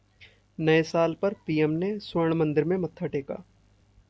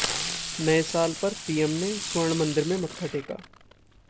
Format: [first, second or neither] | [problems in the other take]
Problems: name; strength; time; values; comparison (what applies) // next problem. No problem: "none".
first | background sound (Fireworks); 7 dB below the speech